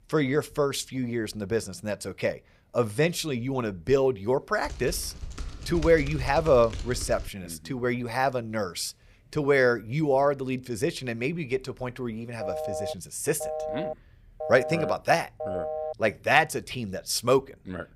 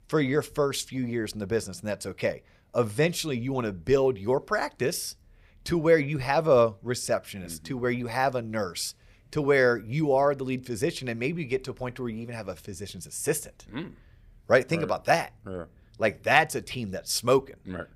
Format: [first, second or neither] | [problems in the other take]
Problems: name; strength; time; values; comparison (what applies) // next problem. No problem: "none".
second | keyboard typing; noticeable; from 4.5 to 7.5 s; peak 9 dB below the speech // phone ringing; noticeable; from 12 to 16 s; peak 5 dB below the speech